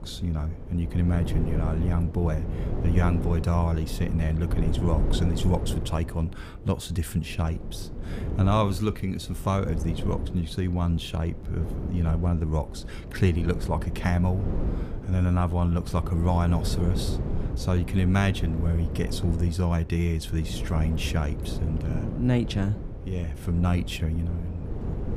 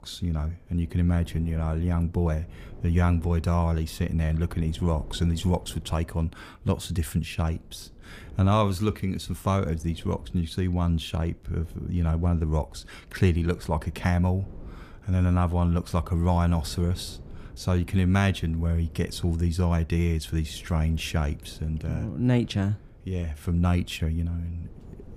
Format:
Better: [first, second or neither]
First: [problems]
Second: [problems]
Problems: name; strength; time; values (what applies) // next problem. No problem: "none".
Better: second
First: wind noise on the microphone; heavy; 8 dB below the speech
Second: wind noise on the microphone; occasional gusts; 25 dB below the speech